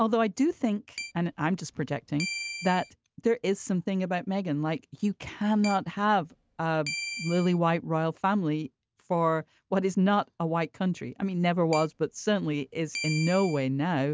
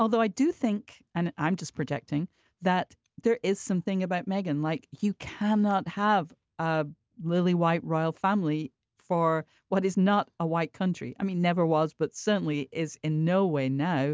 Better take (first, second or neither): second